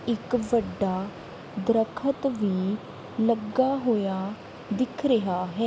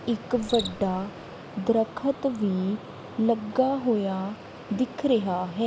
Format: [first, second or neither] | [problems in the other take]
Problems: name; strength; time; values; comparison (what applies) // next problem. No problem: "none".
first | background sound (Cricket); 20 dB below the speech